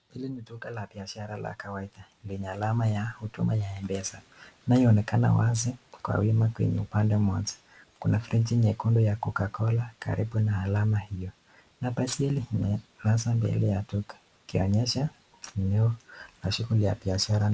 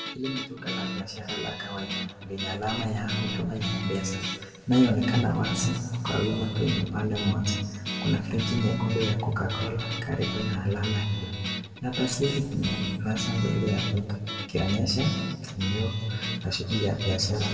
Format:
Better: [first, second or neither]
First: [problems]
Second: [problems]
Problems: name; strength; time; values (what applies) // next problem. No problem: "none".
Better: first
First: none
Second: background sound (Guitar); 7 dB below the speech // room echo; dies away in 1.7 s